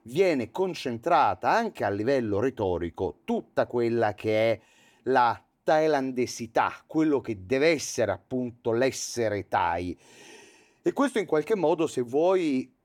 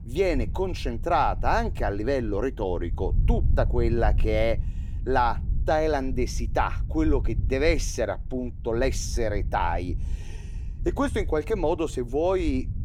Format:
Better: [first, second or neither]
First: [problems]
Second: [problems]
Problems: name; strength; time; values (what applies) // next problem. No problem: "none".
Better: first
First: none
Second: low rumble; faint; throughout; 20 dB below the speech